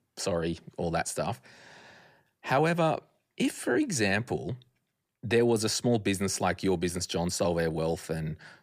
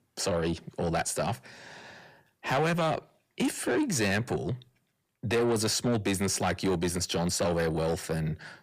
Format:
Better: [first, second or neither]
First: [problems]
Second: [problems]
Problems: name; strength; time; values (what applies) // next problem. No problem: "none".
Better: first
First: none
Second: distortion; slight; 10 dB below the speech